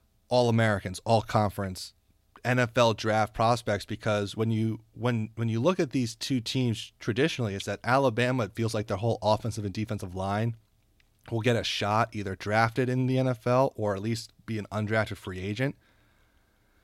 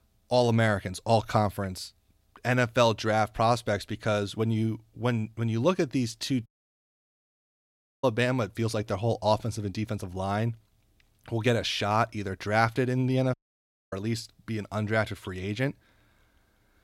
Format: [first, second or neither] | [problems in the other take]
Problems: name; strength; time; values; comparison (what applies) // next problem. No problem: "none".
first | audio cutting out; at 6.5 s for 1.5 s and at 13 s for 0.5 s